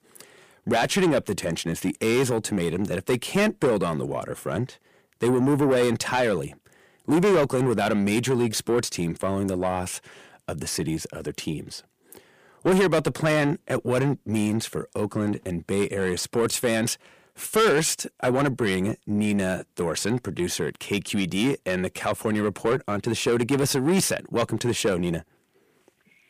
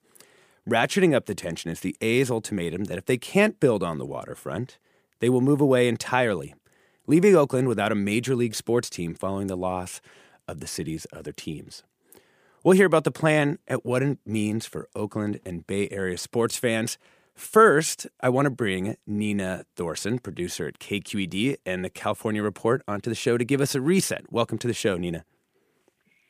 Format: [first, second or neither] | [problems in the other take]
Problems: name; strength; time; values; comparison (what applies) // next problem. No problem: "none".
second | distortion; heavy; 8 dB below the speech